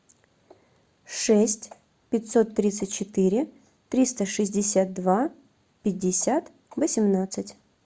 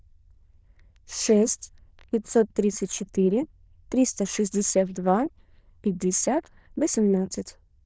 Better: first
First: none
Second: noise reduction (neural diffusion model UNIVERSE++)

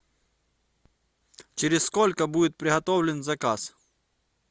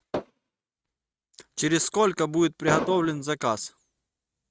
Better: first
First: none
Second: noise reduction (neural mask model RNNoise)

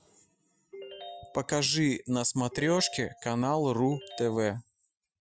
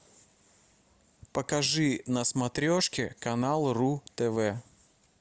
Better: second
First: noise reduction (classical method Wiener filter)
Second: none

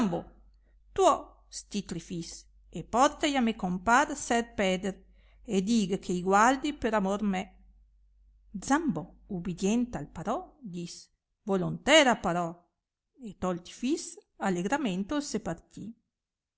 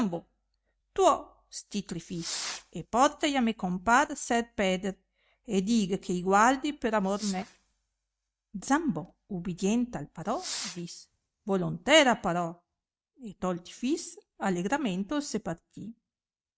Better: first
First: none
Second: noise reduction (neural mask model RNNoise)

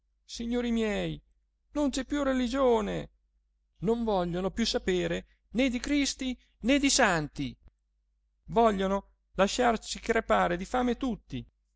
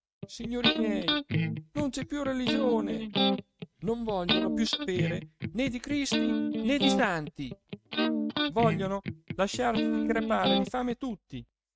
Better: first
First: none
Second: noise reduction (neural mask model RNNoise)

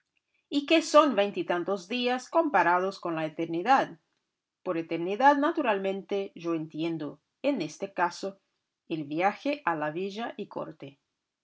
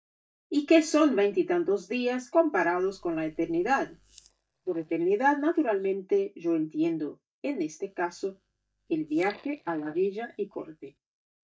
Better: first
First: none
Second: noise reduction (neural mask model DeepFilterNet 3)

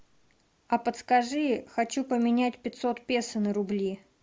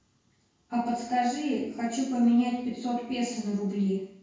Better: first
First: none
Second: room echo; dies away in 0.6 s

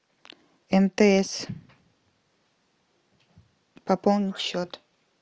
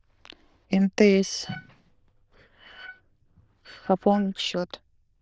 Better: first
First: none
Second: noise reduction (neural diffusion model UNIVERSE++)

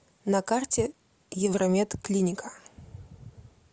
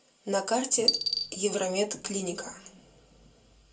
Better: first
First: none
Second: background sound (Coin (dropping)); 2 dB below the speech // room echo; dies away in 0.2 s

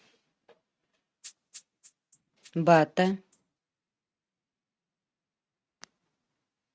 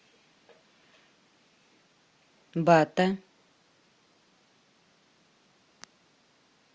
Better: second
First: noise reduction (neural mask model RNNoise)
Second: none

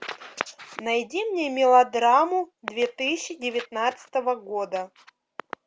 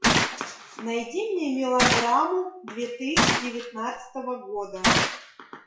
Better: first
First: none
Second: noise reduction (classical method WPE with log-MMSE)

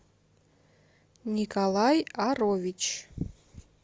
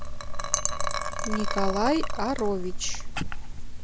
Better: first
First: none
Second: background sound (Liquid); 4 dB above the speech

